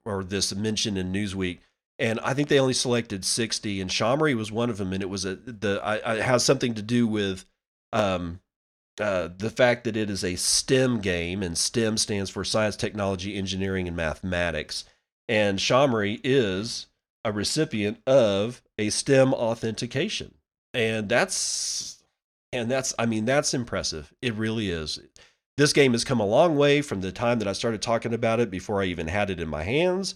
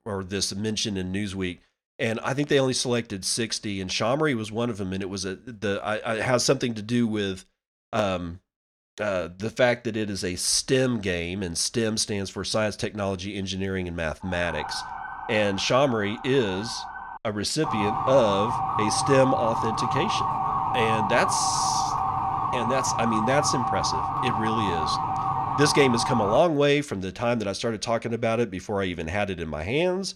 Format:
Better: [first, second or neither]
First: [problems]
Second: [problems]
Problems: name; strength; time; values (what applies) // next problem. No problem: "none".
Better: first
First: none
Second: siren; noticeable; from 14 to 17 s; peak 8 dB below the speech // siren; loud; from 18 to 26 s; peak 1 dB above the speech